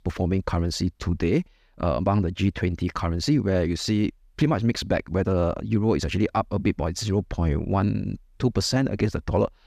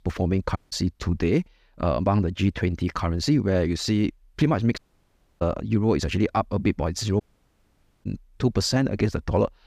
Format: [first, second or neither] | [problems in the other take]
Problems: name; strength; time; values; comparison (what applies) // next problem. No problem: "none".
first | audio cutting out; at 0.5 s, at 5 s for 0.5 s and at 7 s for 1 s